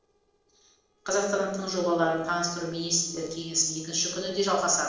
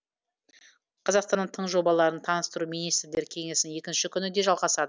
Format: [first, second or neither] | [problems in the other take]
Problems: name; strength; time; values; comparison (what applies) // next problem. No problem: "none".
second | noise reduction (neural separator model SepFormer DNS4)